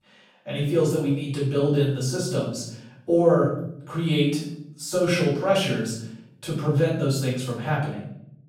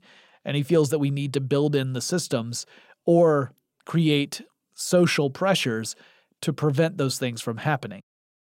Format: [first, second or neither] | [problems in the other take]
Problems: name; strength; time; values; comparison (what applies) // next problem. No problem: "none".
second | off-mic speech; far // room echo; noticeable; dies away in 0.7 s